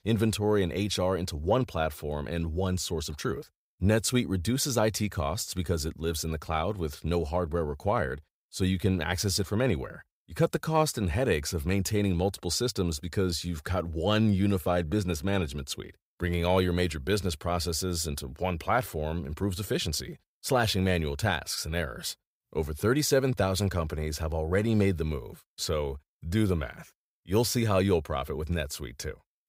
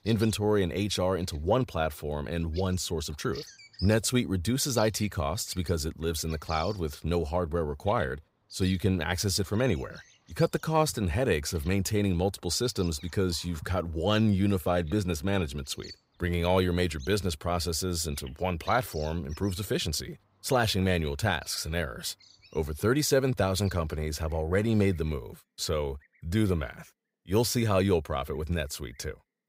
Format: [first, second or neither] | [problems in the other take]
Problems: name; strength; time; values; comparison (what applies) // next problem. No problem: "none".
first | animal sounds; faint; throughout; 20 dB below the speech